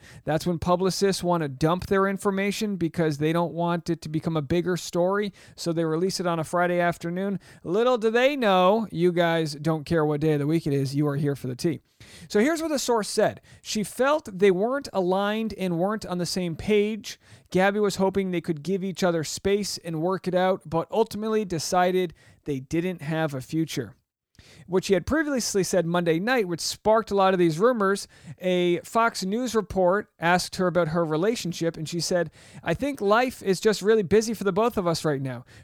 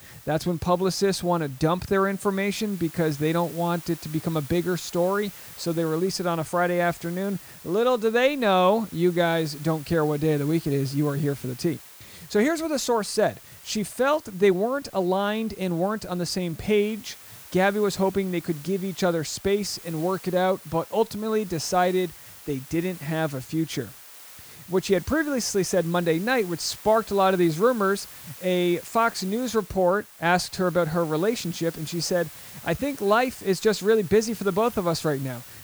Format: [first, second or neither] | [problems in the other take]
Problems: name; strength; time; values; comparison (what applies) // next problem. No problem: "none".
first | hiss; noticeable; throughout; 15 dB below the speech